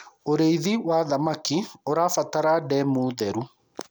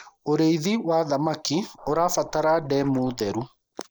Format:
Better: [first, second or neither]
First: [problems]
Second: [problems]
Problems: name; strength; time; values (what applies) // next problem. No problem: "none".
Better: first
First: none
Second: noise reduction (neural mask model Resemble Enhance denoiser)